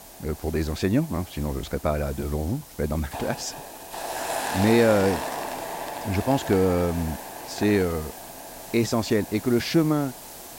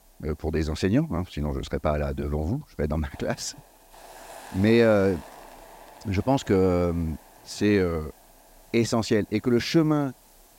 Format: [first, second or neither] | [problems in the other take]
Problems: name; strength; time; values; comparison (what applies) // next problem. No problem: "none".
second | hiss; loud; throughout; 9 dB below the speech; faint in the second